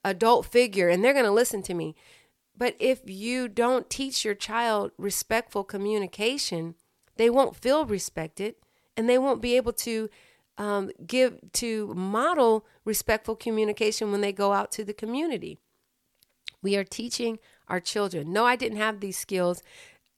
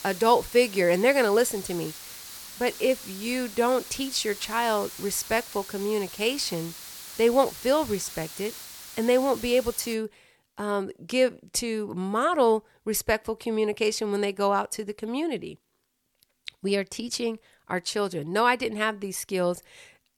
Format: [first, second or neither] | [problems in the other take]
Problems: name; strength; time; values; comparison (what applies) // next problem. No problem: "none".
first | hiss; noticeable; until 10 s; 15 dB below the speech